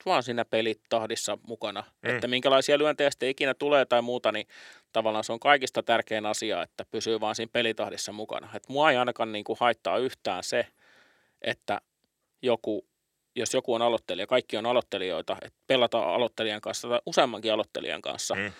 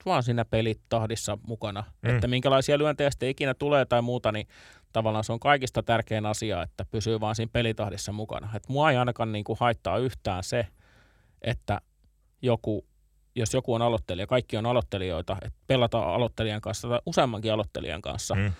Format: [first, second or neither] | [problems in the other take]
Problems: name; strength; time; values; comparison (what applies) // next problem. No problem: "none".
second | thin; somewhat; fading below 350 Hz